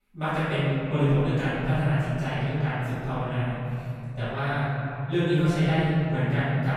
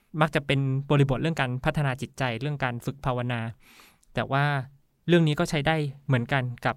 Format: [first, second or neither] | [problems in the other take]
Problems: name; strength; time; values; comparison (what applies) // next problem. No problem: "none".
second | off-mic speech; far // room echo; strong; dies away in 3 s